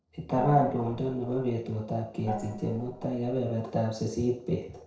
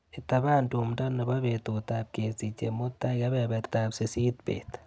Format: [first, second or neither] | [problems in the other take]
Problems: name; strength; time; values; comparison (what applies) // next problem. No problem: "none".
second | noise reduction (neural separator model SepFormer DNS4)